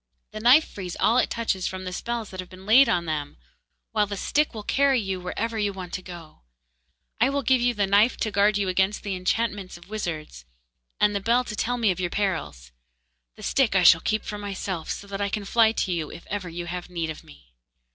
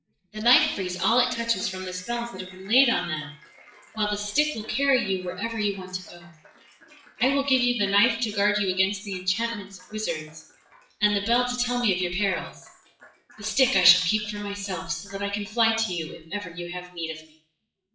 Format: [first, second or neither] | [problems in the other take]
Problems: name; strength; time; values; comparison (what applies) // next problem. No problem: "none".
first | noise reduction (classical method WPE with log-MMSE)